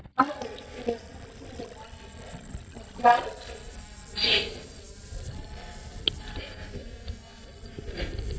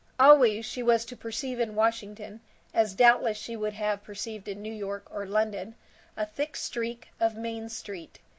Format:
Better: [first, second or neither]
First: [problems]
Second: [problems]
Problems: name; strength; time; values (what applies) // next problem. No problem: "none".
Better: second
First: noise reduction (neural mask model DeepFilterNet 3)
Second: none